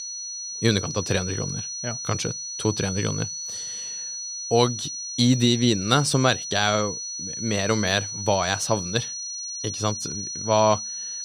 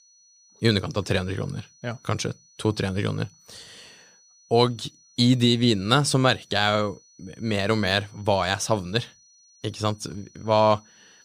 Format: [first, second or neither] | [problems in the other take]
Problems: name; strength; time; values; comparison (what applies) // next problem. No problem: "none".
second | high-pitched whine; loud; throughout; 6 kHz, 6 dB below the speech; faint in the second